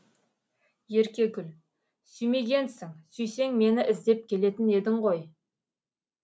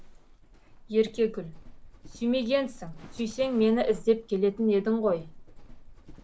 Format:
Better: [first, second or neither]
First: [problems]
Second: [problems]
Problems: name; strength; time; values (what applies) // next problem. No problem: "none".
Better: first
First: none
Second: background sound (Livestock, farm animals, working animals); 17 dB below the speech